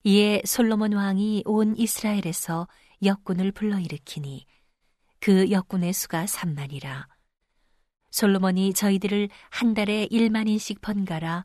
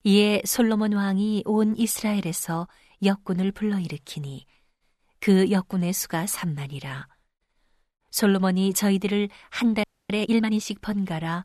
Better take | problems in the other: first | audio freezing; at 10 s

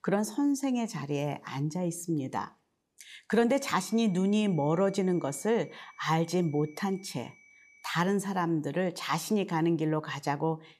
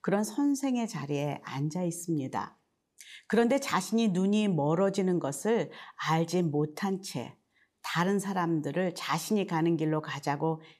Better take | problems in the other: second | high-pitched whine; faint; from 3.5 to 8 s; 2.5 kHz, 25 dB below the speech

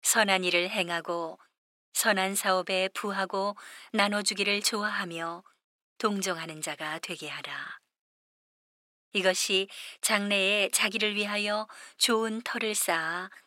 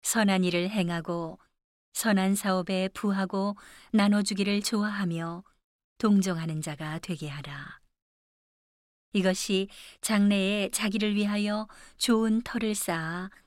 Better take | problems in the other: second | thin; somewhat; fading below 450 Hz

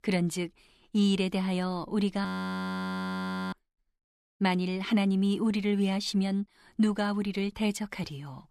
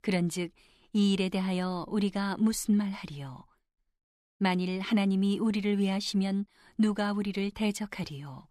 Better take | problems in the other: second | audio freezing; at 2.5 s for 1.5 s

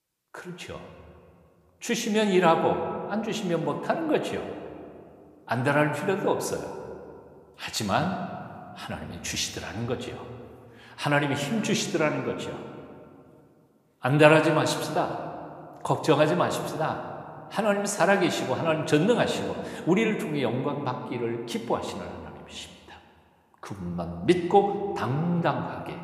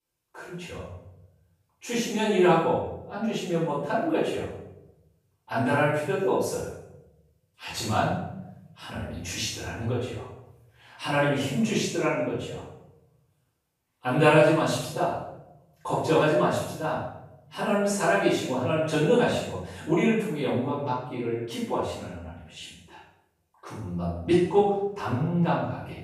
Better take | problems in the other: first | room echo; strong; dies away in 0.8 s; slight in the first // off-mic speech; far

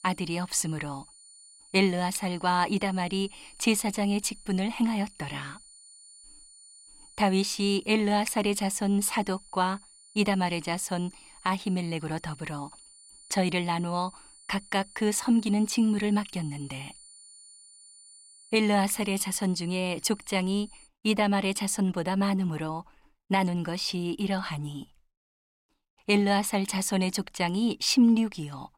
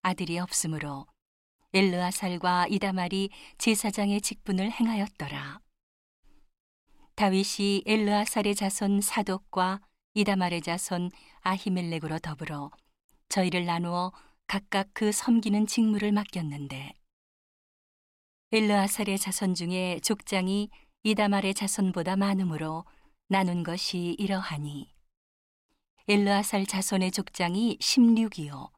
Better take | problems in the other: second | high-pitched whine; faint; until 21 s; 9.5 kHz, 25 dB below the speech

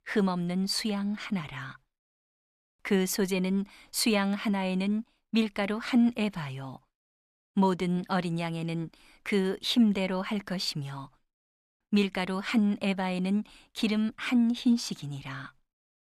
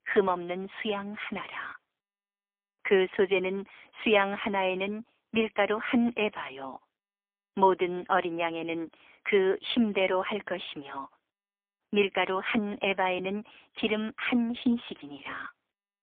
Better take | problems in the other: first | phone-call audio; poor line; nothing above 3.5 kHz

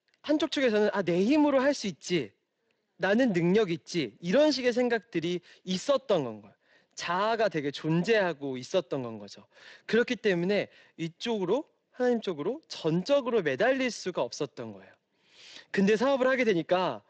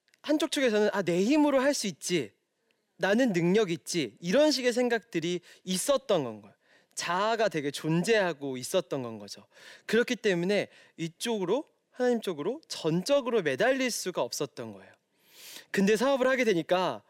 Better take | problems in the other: second | garbled, watery; slightly; nothing above 7.5 kHz

